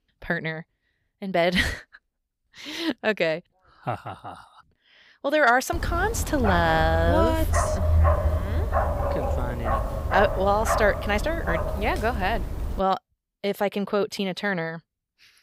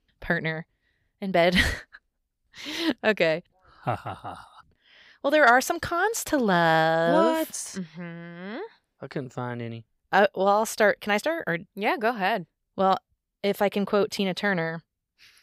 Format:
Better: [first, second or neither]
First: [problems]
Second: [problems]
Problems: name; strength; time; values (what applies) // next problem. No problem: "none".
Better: second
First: dog barking; loud; from 5.5 to 13 s; peak 4 dB above the speech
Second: none